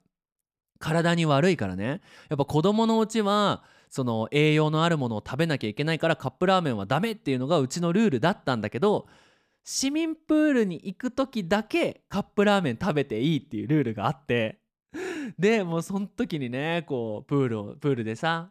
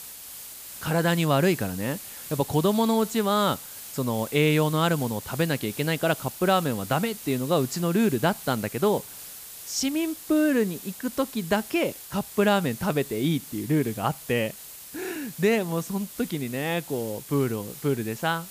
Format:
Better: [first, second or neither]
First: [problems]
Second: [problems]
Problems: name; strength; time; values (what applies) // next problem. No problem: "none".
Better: first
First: none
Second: hiss; noticeable; throughout; 10 dB below the speech